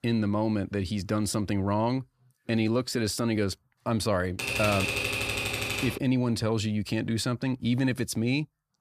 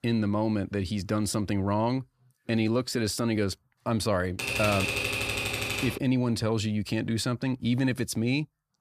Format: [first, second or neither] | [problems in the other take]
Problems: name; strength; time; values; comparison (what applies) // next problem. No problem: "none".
neither | keyboard typing; loud; from 4.5 to 6 s; peak 1 dB above the speech; the same in both